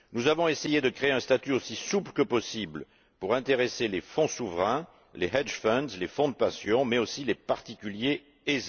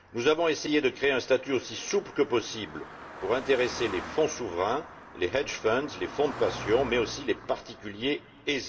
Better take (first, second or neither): first